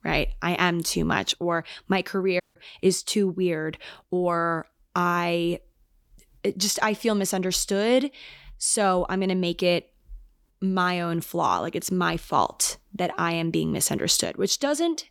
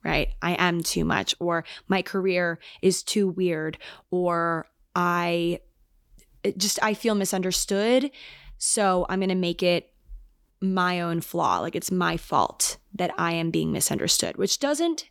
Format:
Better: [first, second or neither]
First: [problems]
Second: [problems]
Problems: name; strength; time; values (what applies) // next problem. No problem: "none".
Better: second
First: audio cutting out; at 2.5 s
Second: none